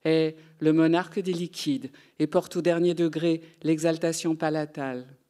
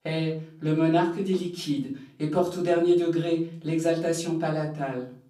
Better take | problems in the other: first | room echo; slight; dies away in 0.4 s // off-mic speech; far

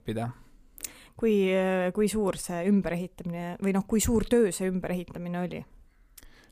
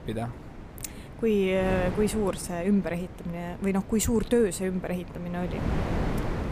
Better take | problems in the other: first | wind noise on the microphone; occasional gusts; 10 dB below the speech

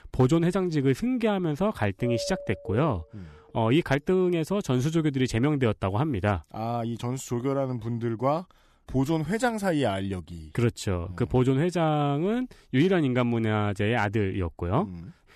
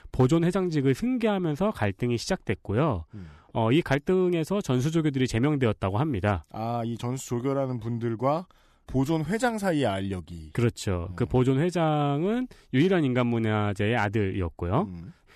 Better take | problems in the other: second | doorbell; noticeable; at 2 s; peak 7 dB below the speech

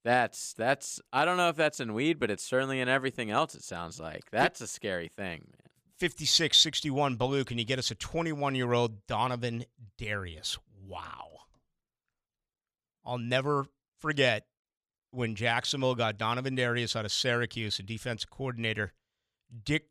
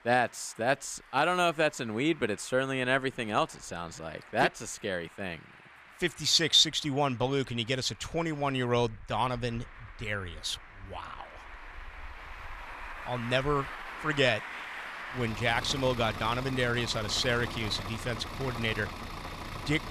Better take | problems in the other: first | traffic noise; noticeable; throughout; 15 dB below the speech

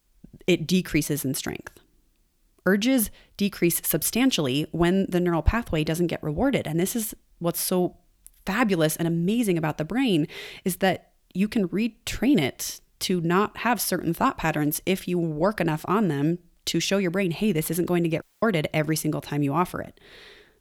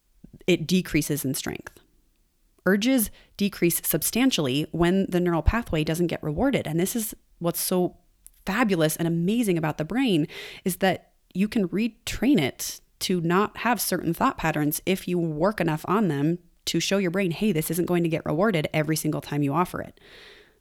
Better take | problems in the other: second | audio cutting out; at 18 s

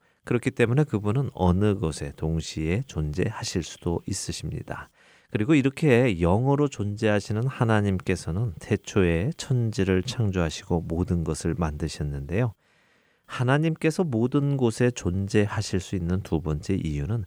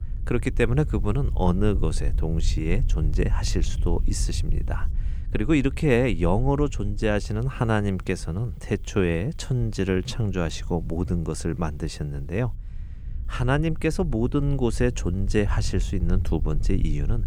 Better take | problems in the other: first | low rumble; faint; throughout; 20 dB below the speech

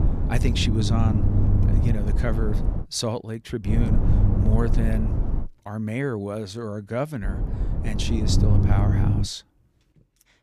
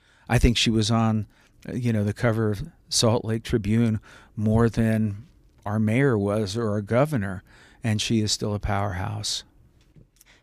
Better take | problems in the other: second | low rumble; loud; until 3 s, from 3.5 to 5.5 s and from 7 to 9 s; 4 dB below the speech

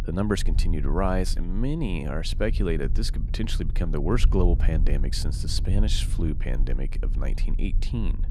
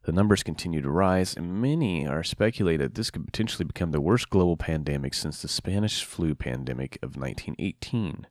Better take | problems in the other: second | low rumble; noticeable; throughout; 15 dB below the speech

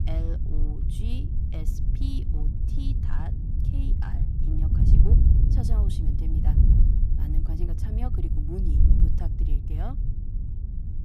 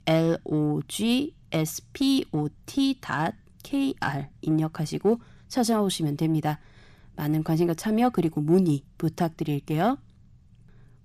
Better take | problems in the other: second | wind noise on the microphone; heavy; 2 dB above the speech

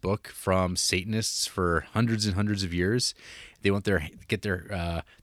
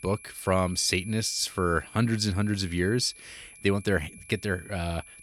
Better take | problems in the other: first | high-pitched whine; noticeable; throughout; 2.5 kHz, 20 dB below the speech

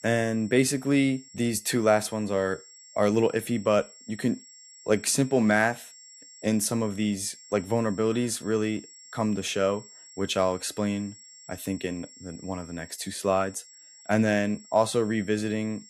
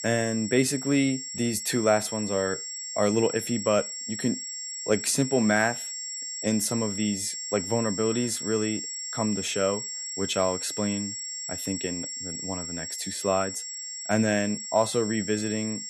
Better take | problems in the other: first | high-pitched whine; loud; throughout; 7.5 kHz, 5 dB below the speech; faint in the first

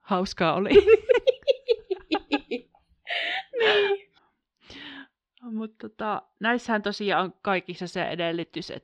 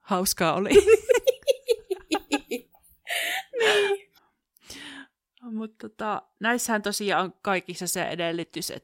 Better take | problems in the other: second | muffled; slightly; fading above 4 kHz

